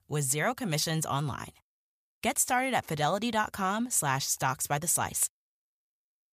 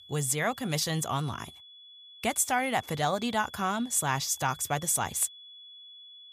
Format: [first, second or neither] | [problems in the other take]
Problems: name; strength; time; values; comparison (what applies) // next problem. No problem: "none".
first | high-pitched whine; noticeable; throughout; 3.5 kHz, 20 dB below the speech